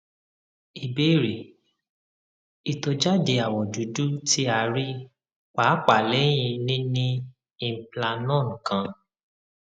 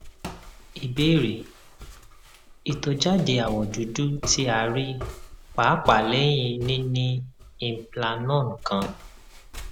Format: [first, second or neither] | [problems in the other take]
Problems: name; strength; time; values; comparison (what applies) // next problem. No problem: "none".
first | background sound (Walk, footsteps); 14 dB below the speech